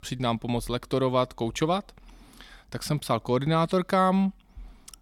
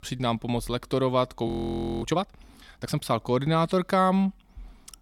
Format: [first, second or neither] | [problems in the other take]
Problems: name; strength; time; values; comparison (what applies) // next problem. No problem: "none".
first | audio freezing; at 1.5 s for 0.5 s